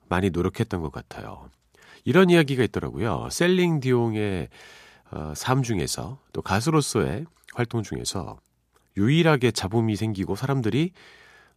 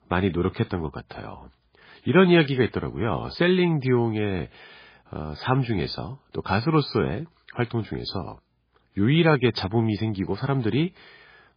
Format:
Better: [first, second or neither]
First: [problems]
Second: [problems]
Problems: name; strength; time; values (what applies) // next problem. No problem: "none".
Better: first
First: none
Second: garbled, watery; badly; nothing above 5 kHz